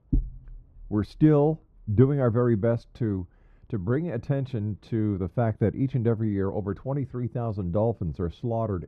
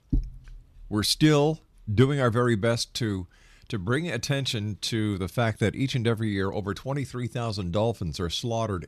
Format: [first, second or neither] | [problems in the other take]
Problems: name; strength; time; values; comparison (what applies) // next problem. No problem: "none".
second | muffled; very; fading above 2 kHz